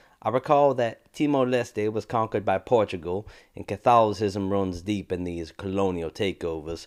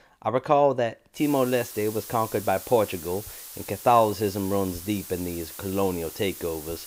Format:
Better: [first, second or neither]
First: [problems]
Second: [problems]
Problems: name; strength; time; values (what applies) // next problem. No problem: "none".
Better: first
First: none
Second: hiss; noticeable; from 1 s on; 10 dB below the speech